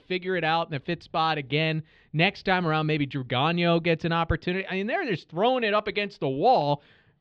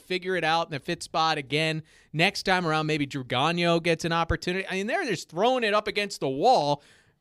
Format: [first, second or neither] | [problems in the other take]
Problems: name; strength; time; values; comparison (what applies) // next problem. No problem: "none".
second | muffled; very slightly; fading above 3.5 kHz